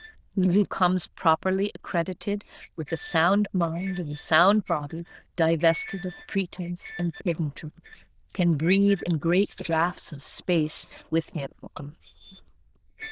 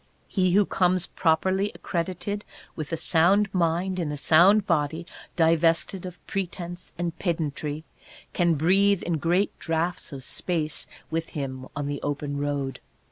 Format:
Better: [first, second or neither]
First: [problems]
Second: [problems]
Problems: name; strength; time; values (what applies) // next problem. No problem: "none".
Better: second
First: noise reduction (neural diffusion model UNIVERSE++)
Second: none